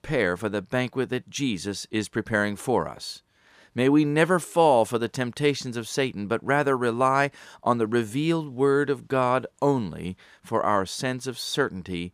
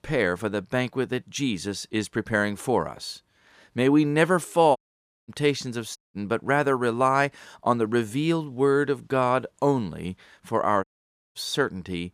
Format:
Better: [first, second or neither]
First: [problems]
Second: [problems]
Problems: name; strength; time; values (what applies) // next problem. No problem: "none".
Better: first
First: none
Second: audio cutting out; at 5 s for 0.5 s, at 6 s and at 11 s for 0.5 s